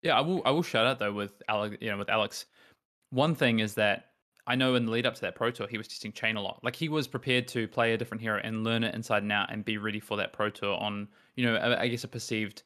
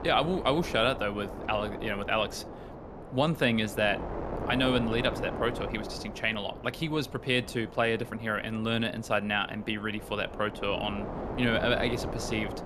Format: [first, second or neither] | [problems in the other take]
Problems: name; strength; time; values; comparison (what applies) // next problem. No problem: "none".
first | wind noise on the microphone; occasional gusts; 10 dB below the speech